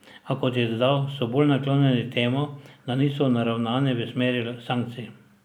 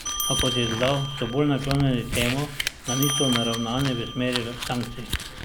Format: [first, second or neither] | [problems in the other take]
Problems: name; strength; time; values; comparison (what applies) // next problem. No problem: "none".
first | background sound (Crumpling, crinkling + Bell); 4 dB below the speech